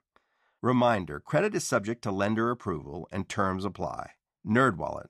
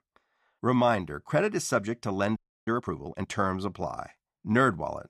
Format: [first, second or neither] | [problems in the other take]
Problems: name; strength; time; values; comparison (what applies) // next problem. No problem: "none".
first | audio freezing; at 2.5 s